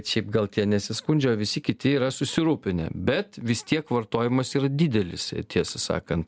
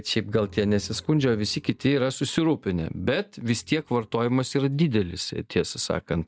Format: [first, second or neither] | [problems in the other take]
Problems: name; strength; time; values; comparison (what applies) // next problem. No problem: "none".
first | noise reduction (neural mask model DeepFilterNet 3)